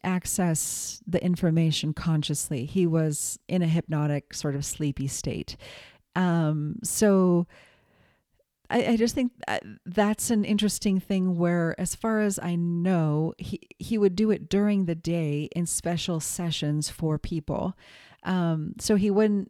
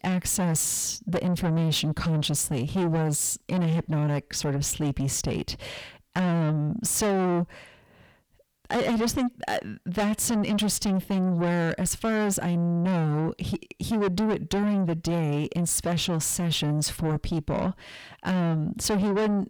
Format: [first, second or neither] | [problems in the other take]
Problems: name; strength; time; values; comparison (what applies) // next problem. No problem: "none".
first | distortion; heavy; 7 dB below the speech